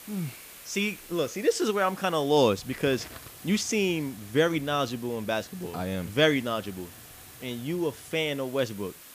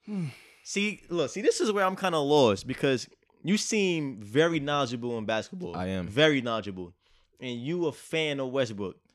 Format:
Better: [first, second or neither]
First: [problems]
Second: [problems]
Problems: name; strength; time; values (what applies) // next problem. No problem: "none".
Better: second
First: hiss; noticeable; throughout; 20 dB below the speech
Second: none